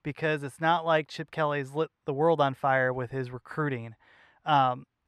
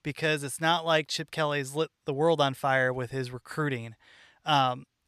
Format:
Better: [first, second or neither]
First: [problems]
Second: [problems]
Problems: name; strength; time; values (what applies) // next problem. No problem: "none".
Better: second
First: muffled; slightly; fading above 3 kHz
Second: none